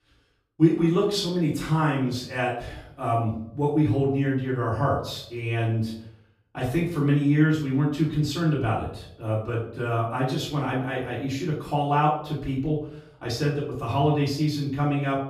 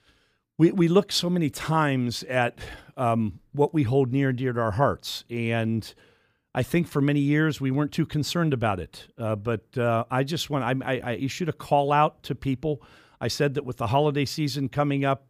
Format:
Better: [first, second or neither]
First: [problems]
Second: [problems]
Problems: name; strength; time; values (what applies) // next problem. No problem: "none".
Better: second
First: off-mic speech; far // room echo; noticeable; dies away in 0.5 s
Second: none